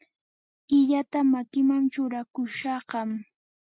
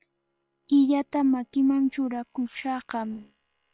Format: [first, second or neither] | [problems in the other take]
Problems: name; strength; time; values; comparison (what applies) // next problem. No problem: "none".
first | noise reduction (neural separator model SepFormer WHAM!)